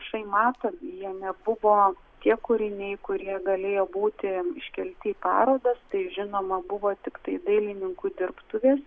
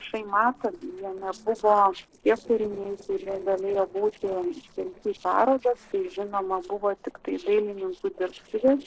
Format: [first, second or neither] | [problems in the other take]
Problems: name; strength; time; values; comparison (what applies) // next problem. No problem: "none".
first | noise reduction (neural separator model SepFormer DNS4)